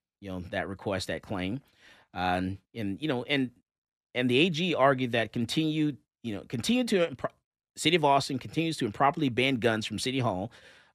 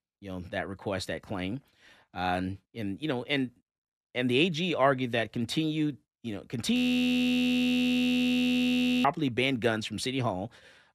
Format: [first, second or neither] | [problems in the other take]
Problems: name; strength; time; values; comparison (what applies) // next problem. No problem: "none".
first | audio freezing; at 7 s for 2.5 s